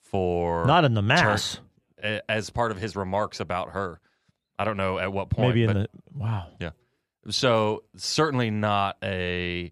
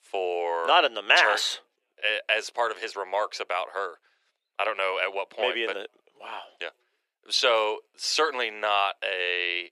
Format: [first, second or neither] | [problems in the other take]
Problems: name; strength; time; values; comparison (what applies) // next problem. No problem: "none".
first | thin; very; fading below 400 Hz